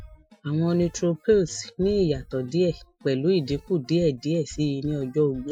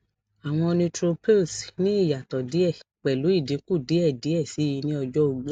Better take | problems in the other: second | noise reduction (classical method Wiener filter)

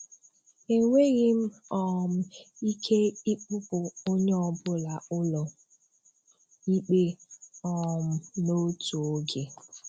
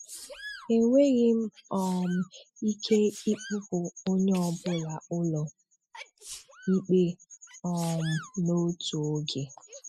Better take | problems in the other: first | noise reduction (classical method spectral subtraction)

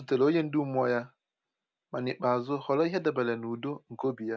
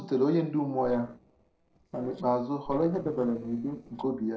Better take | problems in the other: first | noise reduction (neural separator model SepFormer DNS4)

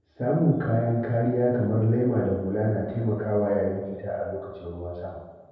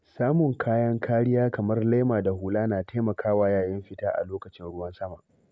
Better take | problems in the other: second | room echo; dies away in 1.2 s

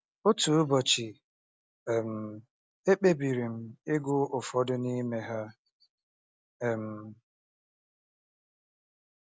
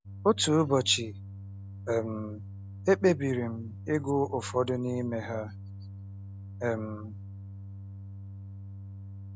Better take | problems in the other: first | background sound (Organ); 11 dB below the speech

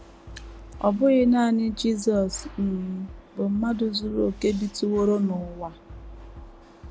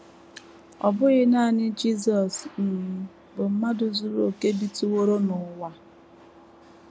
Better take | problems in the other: second | background sound (Bass drum); 19 dB below the speech

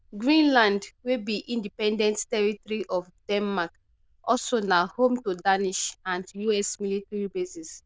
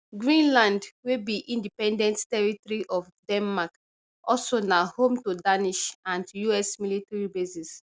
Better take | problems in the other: second | noise reduction (neural diffusion model UNIVERSE++)

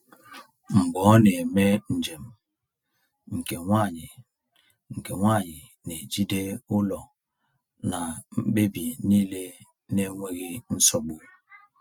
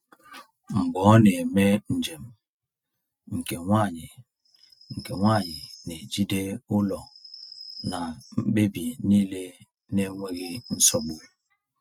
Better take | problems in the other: first | noise reduction (neural mask model RNNoise)

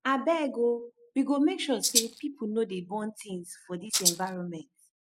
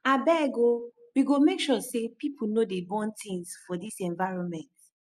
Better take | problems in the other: second | noise reduction (neural mask model Resemble Enhance denoiser)

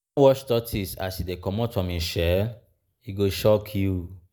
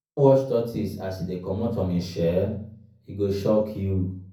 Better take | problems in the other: first | room echo; dies away in 0.6 s

